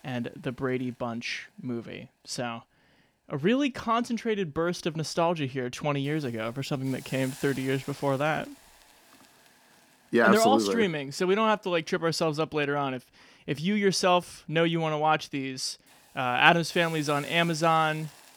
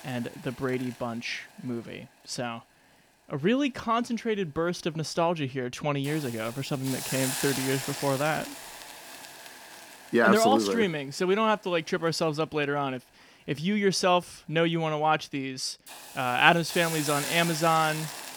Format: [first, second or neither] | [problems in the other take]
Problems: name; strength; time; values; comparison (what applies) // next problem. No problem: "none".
first | hiss; loud; throughout; 9 dB below the speech; faint in the first